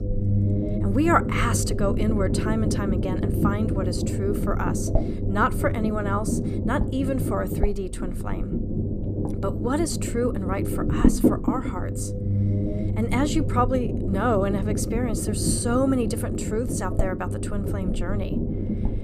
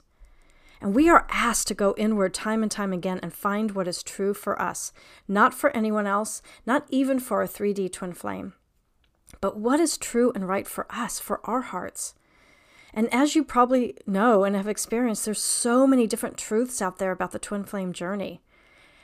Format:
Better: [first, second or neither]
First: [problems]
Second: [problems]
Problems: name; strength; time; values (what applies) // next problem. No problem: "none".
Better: second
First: low rumble; loud; throughout; 5 dB below the speech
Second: none